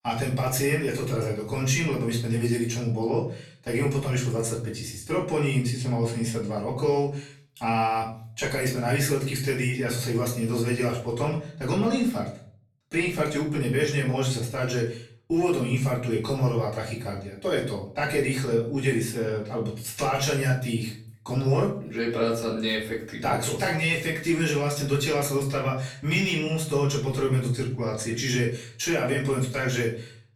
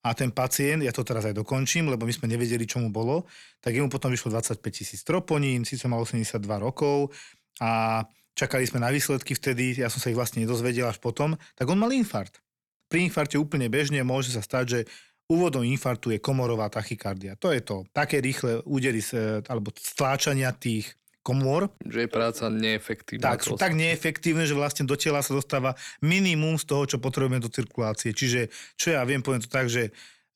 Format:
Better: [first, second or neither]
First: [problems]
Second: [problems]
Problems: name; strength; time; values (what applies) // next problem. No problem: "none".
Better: second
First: off-mic speech; far // room echo; slight; dies away in 0.4 s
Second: none